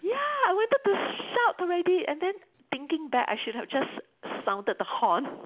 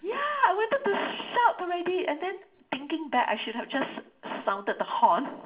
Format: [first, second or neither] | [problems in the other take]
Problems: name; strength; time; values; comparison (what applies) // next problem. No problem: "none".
first | room echo; dies away in 0.4 s